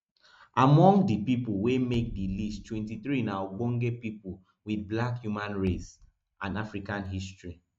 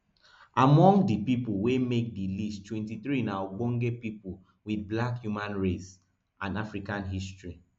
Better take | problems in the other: second | noise reduction (neural mask model RNNoise)

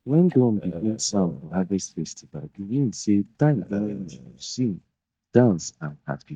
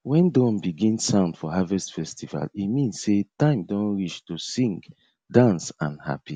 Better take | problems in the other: second | noise reduction (neural mask model DeepFilterNet 3)

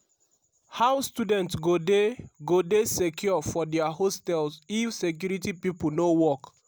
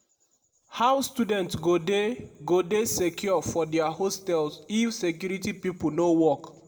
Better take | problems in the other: first | room echo; dies away in 1.5 s

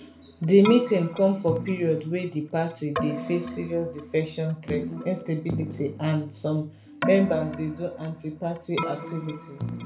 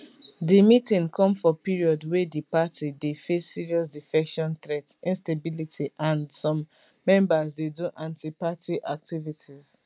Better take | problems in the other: second | background sound (Keyboard (musical)); 9 dB below the speech // room echo; dies away in 0.3 s

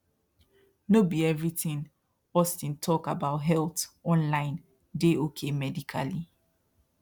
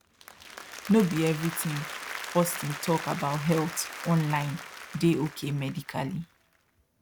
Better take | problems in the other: first | background sound (Applause); 12 dB below the speech

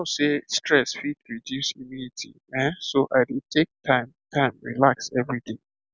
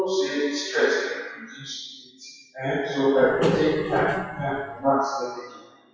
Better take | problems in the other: first | noise reduction (classical method WPE with log-MMSE)

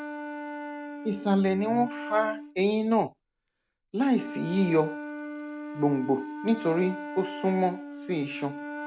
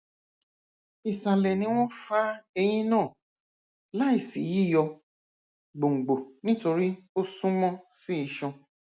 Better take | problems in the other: second | background sound (Wind instrument, woodwind instrument); 10 dB below the speech

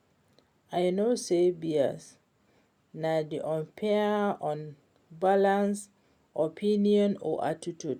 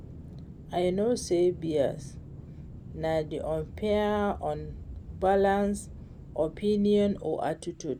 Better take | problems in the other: first | background sound (Aircraft); 14 dB below the speech

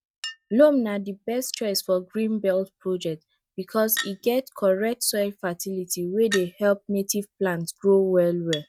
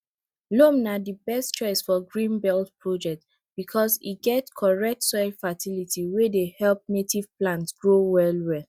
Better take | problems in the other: second | noise reduction (neural mask model RNNoise)

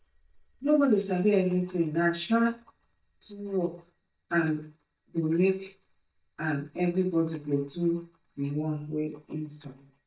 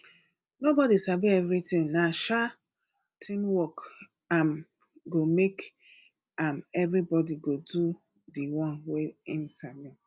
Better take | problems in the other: second | noise reduction (neural mask model DeepFilterNet 3)

